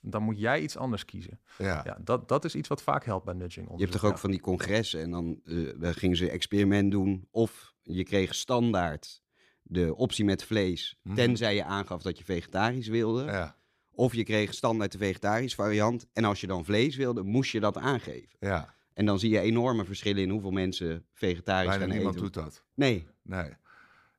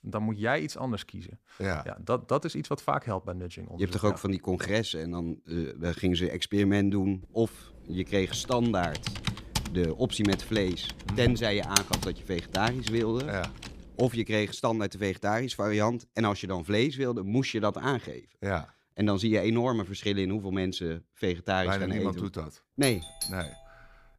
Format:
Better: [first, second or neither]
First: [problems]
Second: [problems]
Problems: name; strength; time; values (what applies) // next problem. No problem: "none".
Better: first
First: none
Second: keyboard typing; loud; from 8.5 to 13 s; peak 3 dB above the speech // doorbell; noticeable; at 23 s; peak 5 dB below the speech